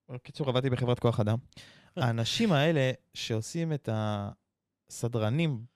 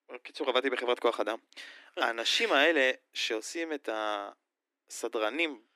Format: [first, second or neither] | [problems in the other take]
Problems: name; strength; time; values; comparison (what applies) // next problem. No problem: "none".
first | thin; very; fading below 300 Hz